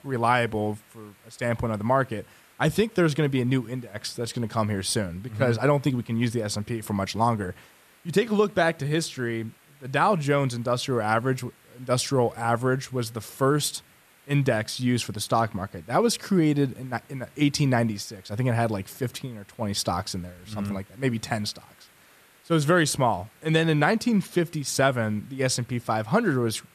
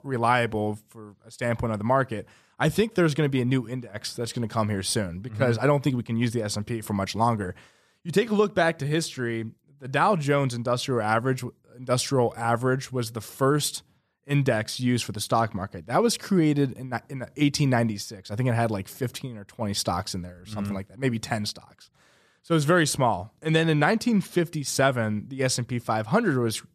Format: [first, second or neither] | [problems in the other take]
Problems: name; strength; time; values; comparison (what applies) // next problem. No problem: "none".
second | hiss; faint; throughout; 30 dB below the speech